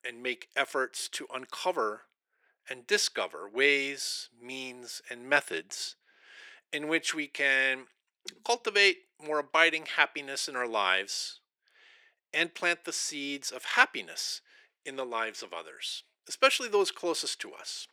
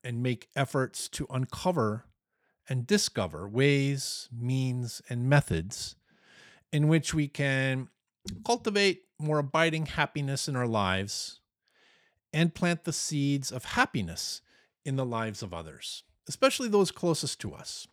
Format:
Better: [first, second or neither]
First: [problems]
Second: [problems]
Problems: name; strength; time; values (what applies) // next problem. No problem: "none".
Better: second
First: thin; very; fading below 350 Hz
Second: none